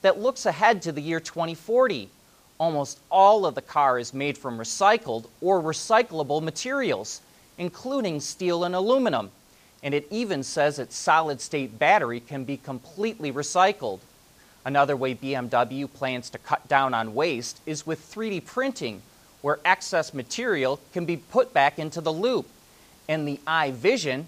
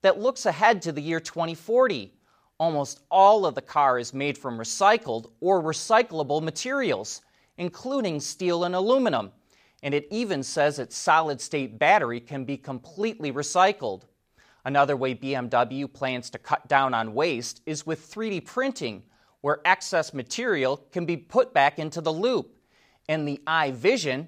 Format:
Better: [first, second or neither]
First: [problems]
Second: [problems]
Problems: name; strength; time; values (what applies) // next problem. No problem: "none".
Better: second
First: hiss; faint; throughout; 30 dB below the speech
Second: none